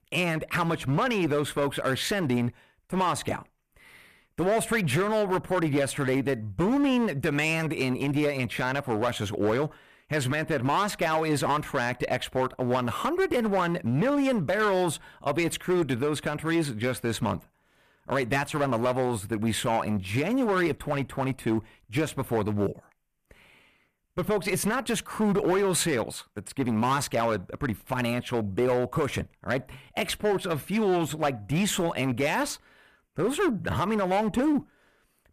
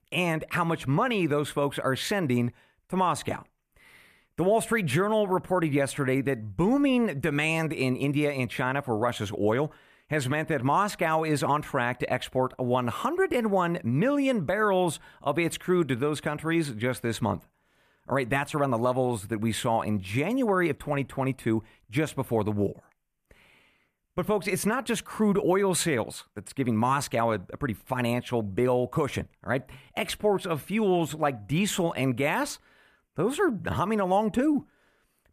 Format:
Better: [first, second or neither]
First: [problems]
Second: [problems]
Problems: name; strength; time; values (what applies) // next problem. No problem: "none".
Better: second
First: distortion; slight; 9% of the sound clipped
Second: none